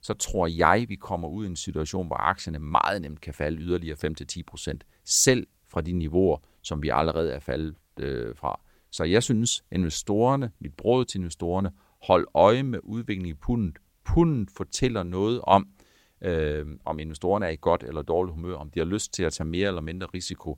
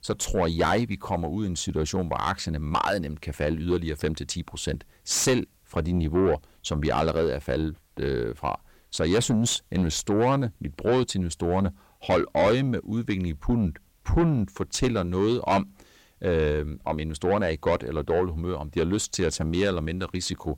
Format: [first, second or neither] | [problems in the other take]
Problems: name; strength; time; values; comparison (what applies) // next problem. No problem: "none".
first | distortion; heavy; 7 dB below the speech